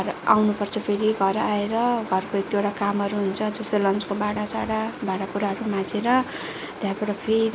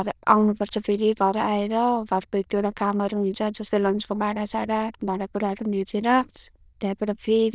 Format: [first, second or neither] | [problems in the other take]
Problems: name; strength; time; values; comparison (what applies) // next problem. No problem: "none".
first | noise reduction (neural diffusion model UNIVERSE++)